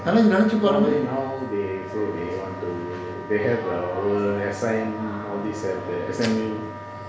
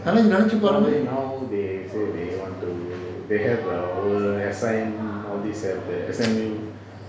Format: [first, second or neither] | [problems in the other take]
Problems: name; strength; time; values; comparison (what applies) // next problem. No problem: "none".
second | background sound (Wind instrument, woodwind instrument); 15 dB below the speech